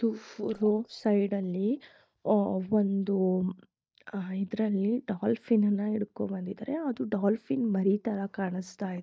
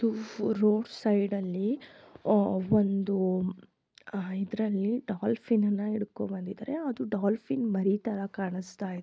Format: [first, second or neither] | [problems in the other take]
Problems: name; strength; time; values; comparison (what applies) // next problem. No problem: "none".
second | noise reduction (neural mask model DeepFilterNet 3)